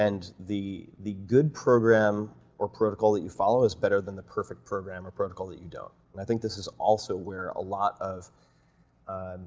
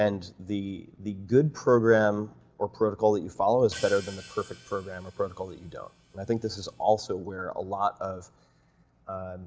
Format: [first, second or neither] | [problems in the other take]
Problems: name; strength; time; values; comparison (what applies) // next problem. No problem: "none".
first | background sound (Hi-hat); 19 dB below the speech